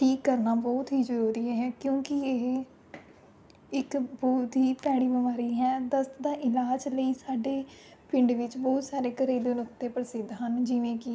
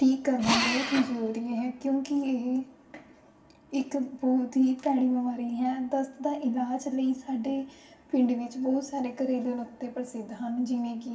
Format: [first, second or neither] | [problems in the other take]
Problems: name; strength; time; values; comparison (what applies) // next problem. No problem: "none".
first | background sound (Drill); 5 dB below the speech // room echo; dies away in 0.6 s